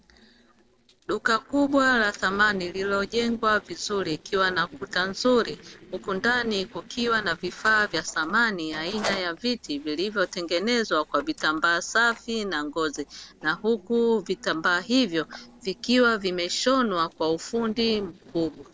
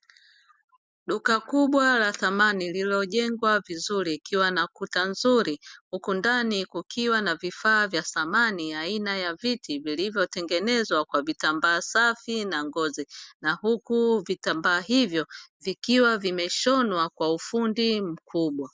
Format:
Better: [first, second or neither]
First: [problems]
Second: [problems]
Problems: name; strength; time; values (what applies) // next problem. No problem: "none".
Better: second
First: noise reduction (neural separator model SepFormer DNS4)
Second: none